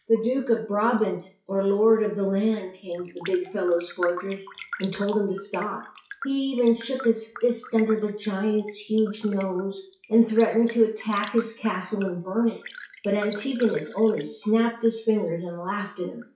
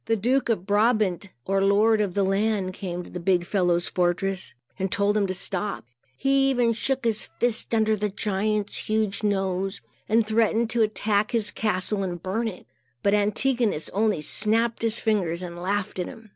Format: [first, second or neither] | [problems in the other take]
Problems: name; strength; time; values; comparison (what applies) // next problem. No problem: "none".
second | noise reduction (classical method WPE with log-MMSE)